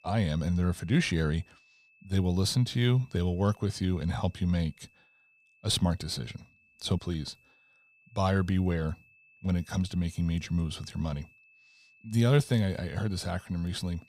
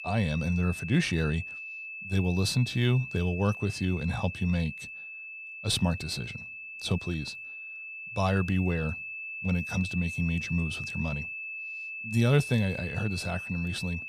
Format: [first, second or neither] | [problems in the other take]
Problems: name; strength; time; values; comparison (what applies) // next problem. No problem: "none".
first | high-pitched whine; loud; throughout; 2.5 kHz, 8 dB below the speech; faint in the first